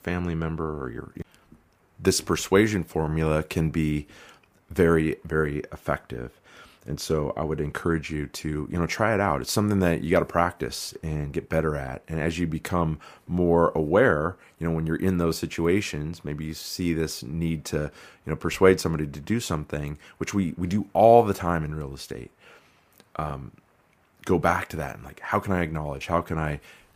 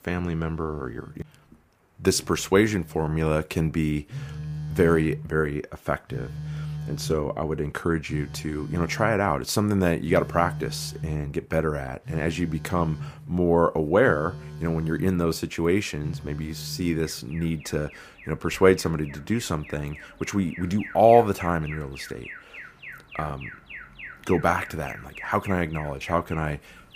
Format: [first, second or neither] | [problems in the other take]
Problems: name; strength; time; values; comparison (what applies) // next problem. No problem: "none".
first | alarms or sirens; noticeable; throughout; 15 dB below the speech